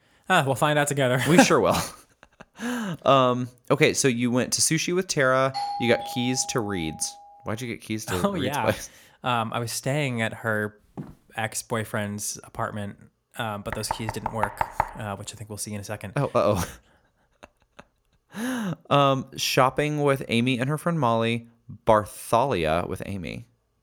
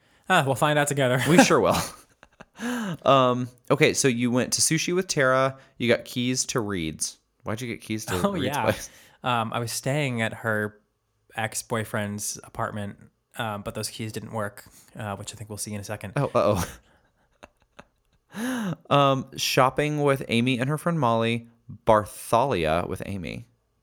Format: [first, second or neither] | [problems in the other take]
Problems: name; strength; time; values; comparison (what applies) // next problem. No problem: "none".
second | doorbell; noticeable; from 5.5 to 7 s; peak 6 dB below the speech // footsteps; faint; at 11 s; peak 15 dB below the speech // door banging; noticeable; from 14 to 15 s; peak 3 dB below the speech